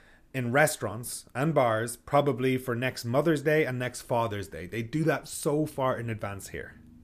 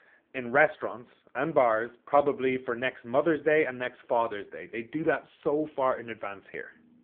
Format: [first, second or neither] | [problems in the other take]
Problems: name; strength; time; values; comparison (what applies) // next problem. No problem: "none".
first | phone-call audio; poor line